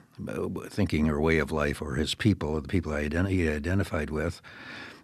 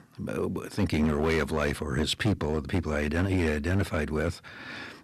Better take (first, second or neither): first